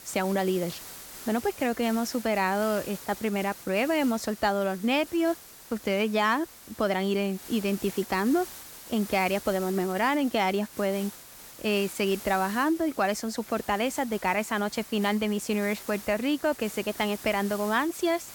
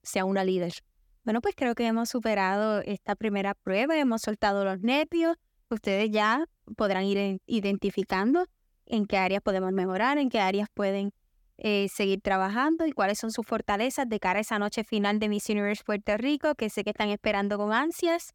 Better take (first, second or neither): second